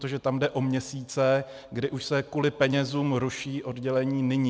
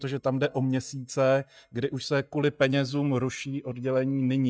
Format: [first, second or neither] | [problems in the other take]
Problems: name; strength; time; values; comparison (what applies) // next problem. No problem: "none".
first | noise reduction (neural mask model DeepFilterNet 3)